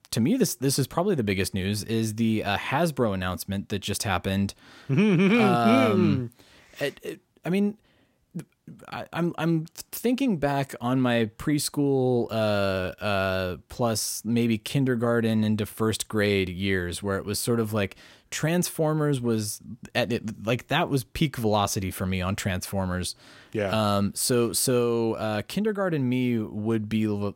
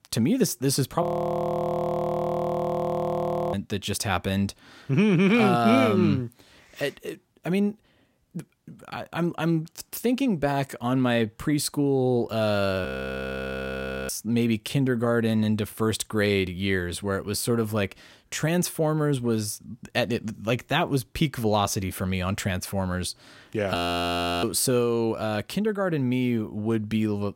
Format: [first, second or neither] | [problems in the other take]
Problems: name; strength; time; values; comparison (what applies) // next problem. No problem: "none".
first | audio freezing; at 1 s for 2.5 s, at 13 s for 1 s and at 24 s for 0.5 s